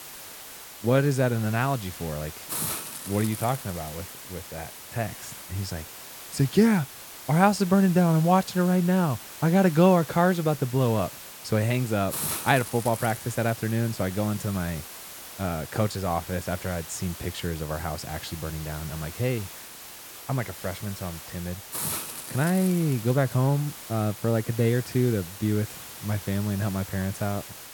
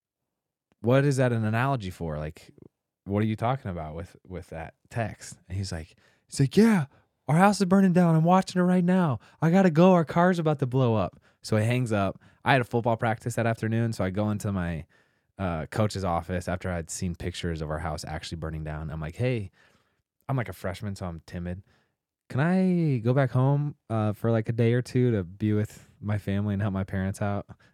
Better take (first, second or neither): second